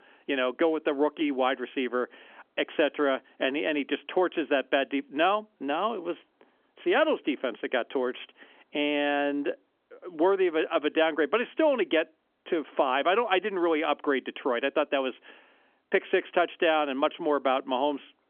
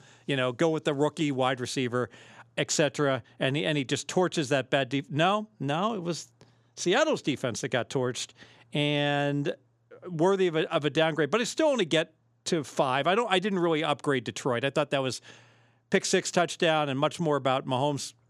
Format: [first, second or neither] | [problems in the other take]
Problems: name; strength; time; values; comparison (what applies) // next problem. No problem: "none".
second | phone-call audio; nothing above 3.5 kHz